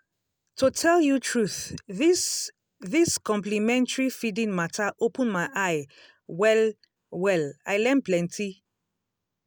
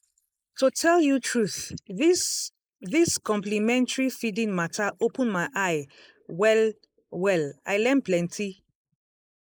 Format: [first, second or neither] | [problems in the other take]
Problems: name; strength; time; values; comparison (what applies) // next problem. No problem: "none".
first | noise reduction (neural mask model Resemble Enhance denoiser)